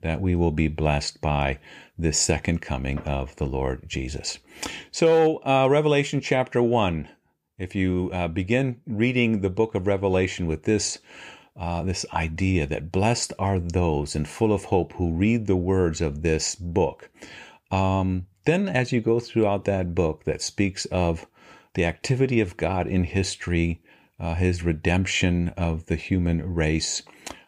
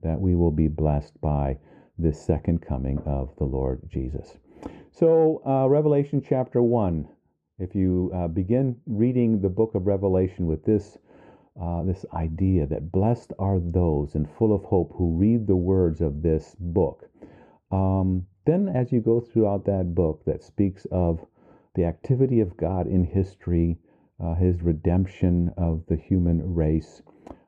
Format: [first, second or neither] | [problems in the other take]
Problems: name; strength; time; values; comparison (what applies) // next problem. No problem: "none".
first | muffled; very; fading above 1.5 kHz